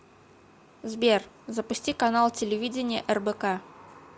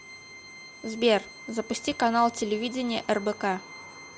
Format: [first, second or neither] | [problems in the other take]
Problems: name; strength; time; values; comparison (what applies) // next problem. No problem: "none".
first | background sound (Organ); 18 dB below the speech